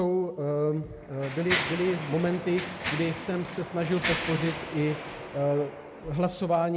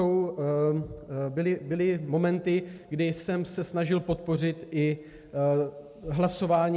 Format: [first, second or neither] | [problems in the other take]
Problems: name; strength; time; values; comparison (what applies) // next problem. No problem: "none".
second | background sound (Mechanisms); 8 dB below the speech